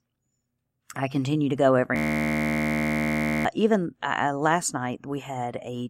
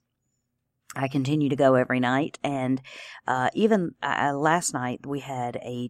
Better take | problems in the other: second | audio freezing; at 2 s for 1.5 s

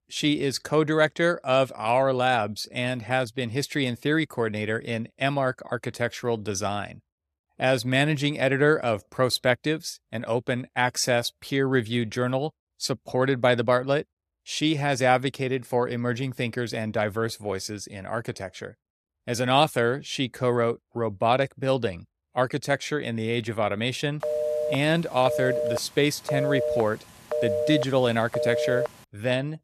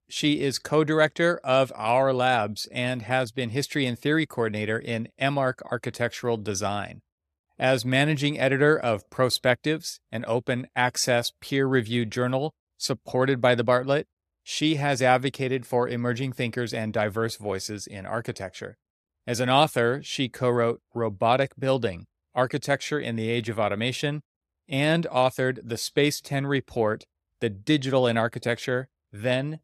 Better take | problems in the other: second | phone ringing; noticeable; from 24 to 29 s; peak level with the speech

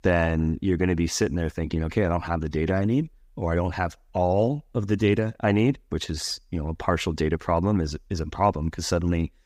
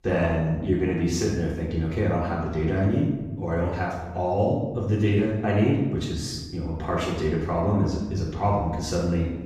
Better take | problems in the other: first | off-mic speech; far // room echo; noticeable; dies away in 1.1 s

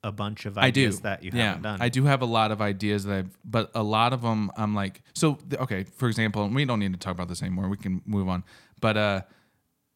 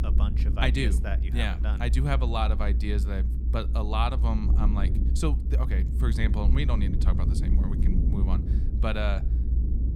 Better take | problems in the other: first | low rumble; loud; throughout; 9 dB below the speech

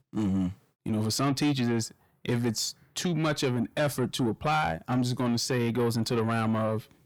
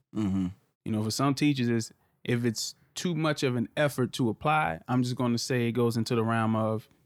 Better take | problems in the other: second | distortion; slight; 10 dB below the speech

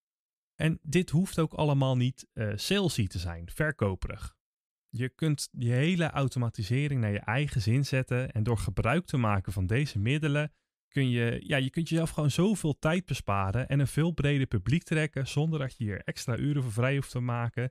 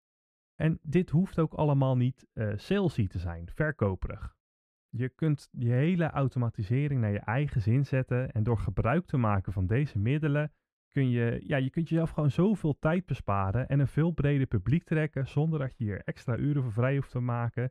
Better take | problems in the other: first | muffled; very; fading above 3 kHz

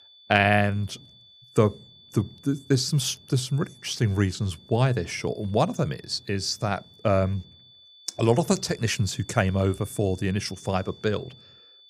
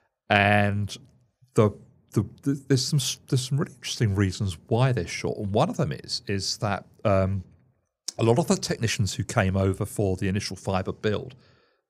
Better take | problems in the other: second | high-pitched whine; faint; throughout; 3.5 kHz, 25 dB below the speech

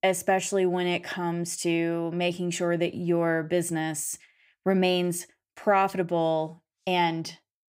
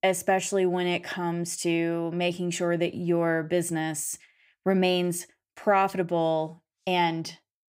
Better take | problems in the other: neither | none

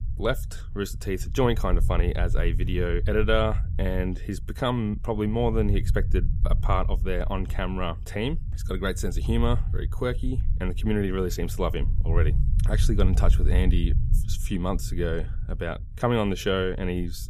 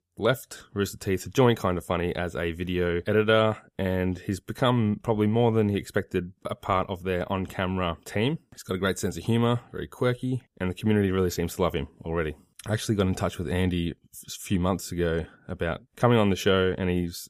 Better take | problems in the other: second | low rumble; noticeable; throughout; 15 dB below the speech

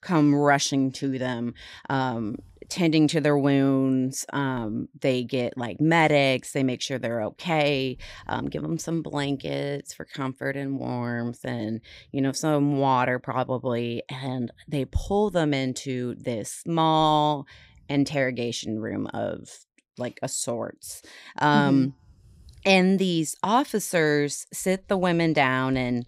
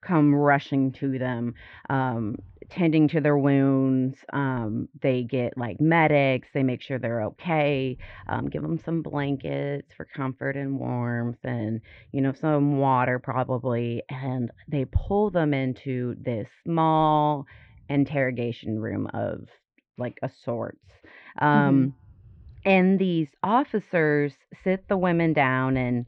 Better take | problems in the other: first | muffled; very; fading above 2.5 kHz

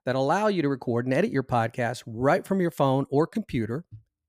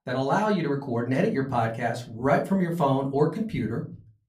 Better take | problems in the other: first | off-mic speech; far // room echo; very slight; dies away in 0.3 s

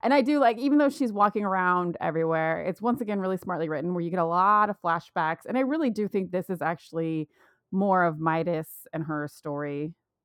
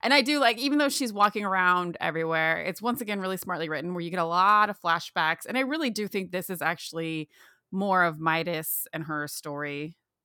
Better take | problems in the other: second | muffled; slightly; fading above 1.5 kHz

